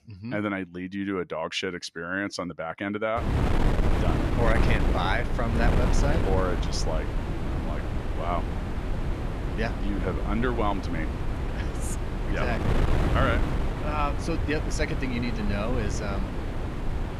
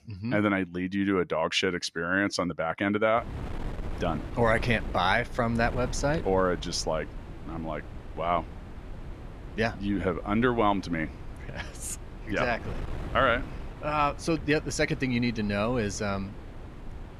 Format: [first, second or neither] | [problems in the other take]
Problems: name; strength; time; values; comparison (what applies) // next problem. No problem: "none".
second | wind noise on the microphone; heavy; from 3 s on; 4 dB below the speech; occasional gusts in the second